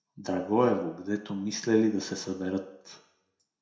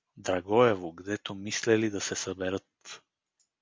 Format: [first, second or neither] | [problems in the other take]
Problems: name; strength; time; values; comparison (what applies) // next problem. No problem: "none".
second | room echo; dies away in 0.6 s